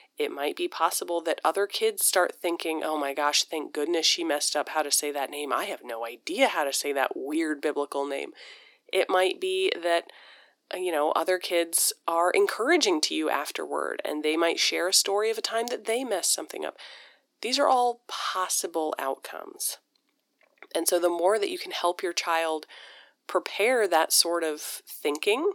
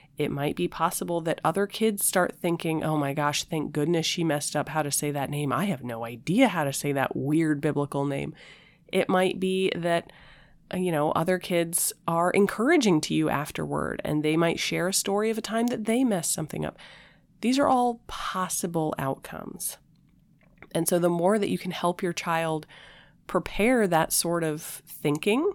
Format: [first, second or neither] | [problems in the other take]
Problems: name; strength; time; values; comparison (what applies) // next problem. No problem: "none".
second | thin; somewhat; fading below 350 Hz